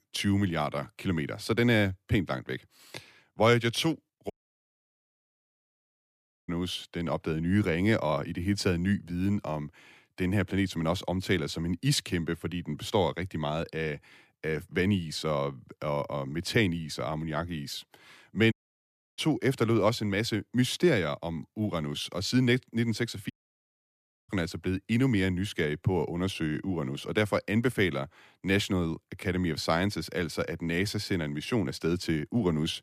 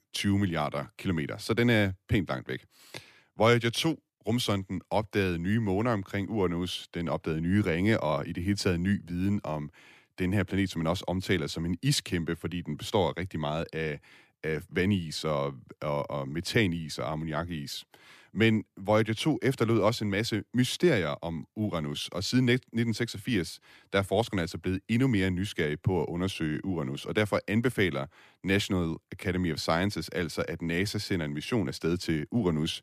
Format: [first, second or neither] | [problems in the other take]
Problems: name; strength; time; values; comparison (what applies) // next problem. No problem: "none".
second | audio cutting out; at 4.5 s for 2 s, at 19 s for 0.5 s and at 23 s for 1 s